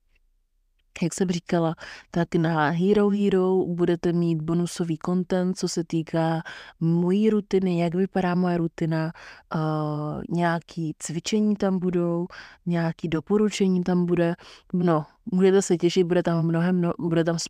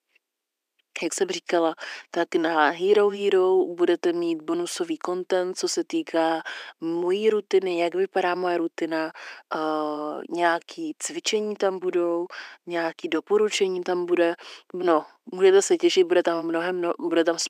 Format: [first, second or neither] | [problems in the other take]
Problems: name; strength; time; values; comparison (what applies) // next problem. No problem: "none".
first | thin; very; fading below 300 Hz